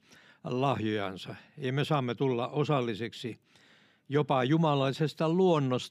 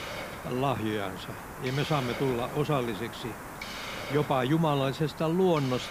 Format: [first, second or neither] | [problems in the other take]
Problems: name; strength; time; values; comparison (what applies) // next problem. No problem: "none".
first | hiss; noticeable; throughout; 10 dB below the speech